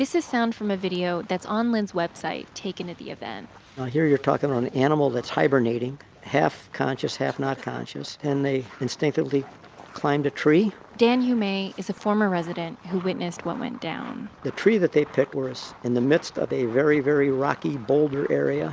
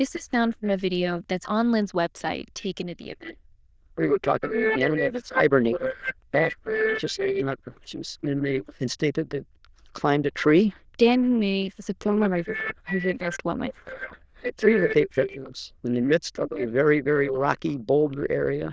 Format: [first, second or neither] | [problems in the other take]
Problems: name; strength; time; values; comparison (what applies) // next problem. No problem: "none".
first | noise reduction (neural diffusion model UNIVERSE++)